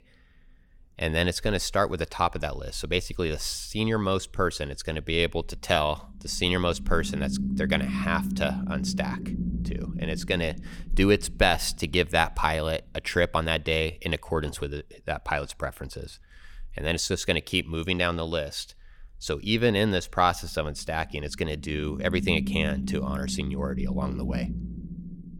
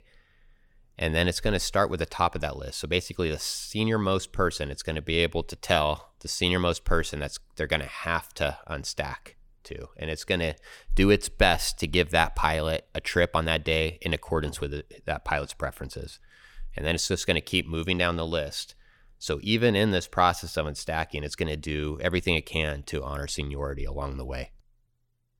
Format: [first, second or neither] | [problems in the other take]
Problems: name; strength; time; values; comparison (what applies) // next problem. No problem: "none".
second | low rumble; noticeable; throughout; 15 dB below the speech